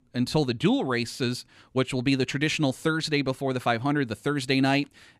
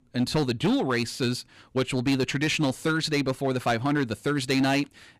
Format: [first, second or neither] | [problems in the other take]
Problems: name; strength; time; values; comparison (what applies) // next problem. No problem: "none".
first | distortion; slight; 8% of the sound clipped